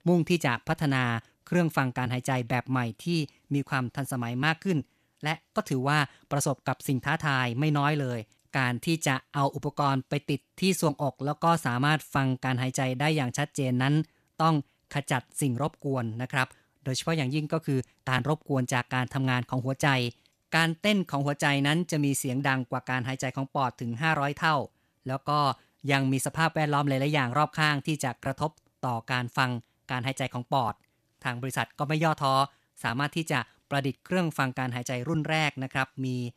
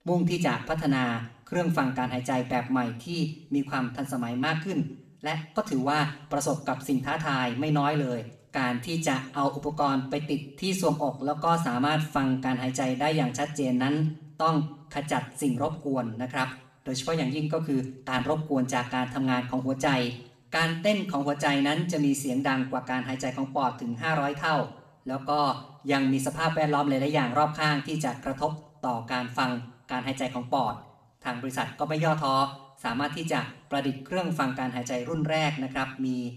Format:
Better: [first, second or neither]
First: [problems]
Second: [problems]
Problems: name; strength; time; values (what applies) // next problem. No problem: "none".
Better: first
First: none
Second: room echo; slight; dies away in 0.5 s // off-mic speech; somewhat distant